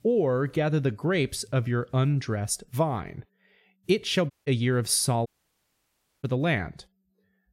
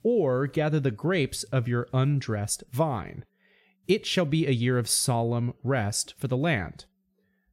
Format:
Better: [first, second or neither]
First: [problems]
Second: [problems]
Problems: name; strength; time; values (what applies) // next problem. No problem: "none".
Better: second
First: audio cutting out; at 4.5 s and at 5.5 s for 1 s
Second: none